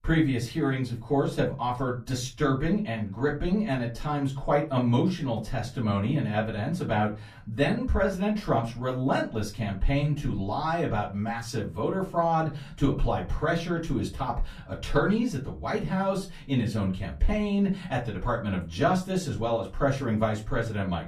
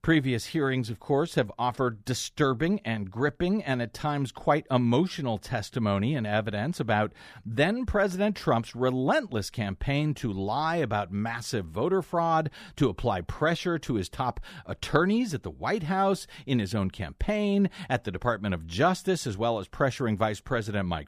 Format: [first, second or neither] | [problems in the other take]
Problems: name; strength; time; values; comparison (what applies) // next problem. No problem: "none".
second | off-mic speech; far // room echo; very slight; dies away in 0.3 s